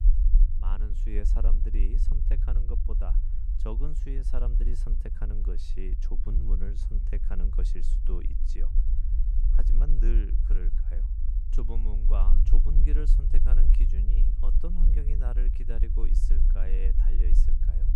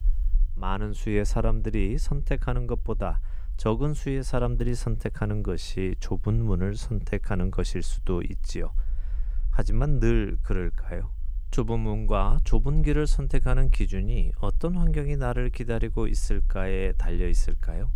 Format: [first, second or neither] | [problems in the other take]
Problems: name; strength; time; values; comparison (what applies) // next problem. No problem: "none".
second | low rumble; loud; throughout; 5 dB below the speech; faint in the second